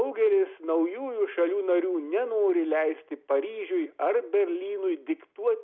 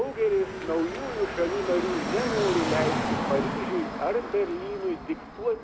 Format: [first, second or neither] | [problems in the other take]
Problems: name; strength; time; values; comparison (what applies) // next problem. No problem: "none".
first | background sound (Car passing by / Traffic noise, roadway noise); 3 dB below the speech